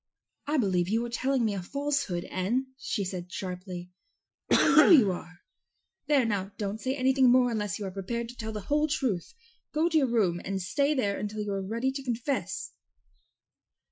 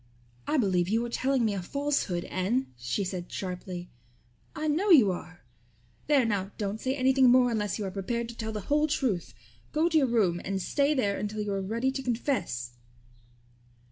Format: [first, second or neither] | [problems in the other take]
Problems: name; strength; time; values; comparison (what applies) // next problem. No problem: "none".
second | noise reduction (classical method Wiener filter)